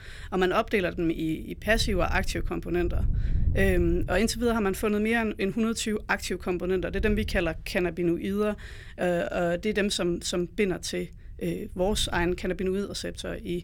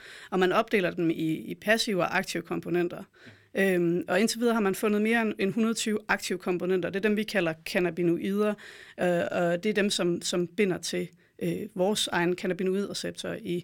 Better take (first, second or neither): second